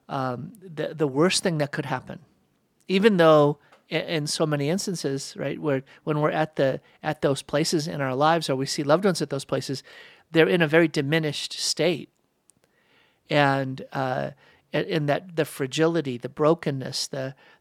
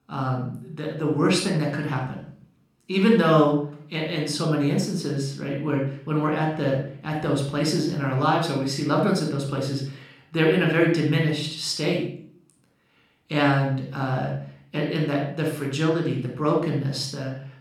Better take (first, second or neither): first